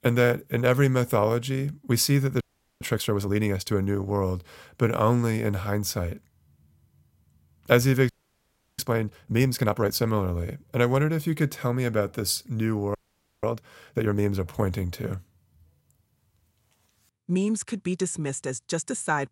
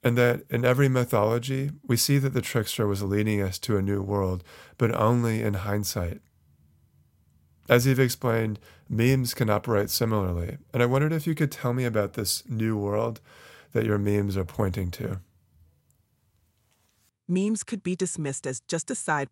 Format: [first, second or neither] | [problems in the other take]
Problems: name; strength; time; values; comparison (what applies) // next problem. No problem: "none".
second | audio freezing; at 2.5 s, at 8 s for 0.5 s and at 13 s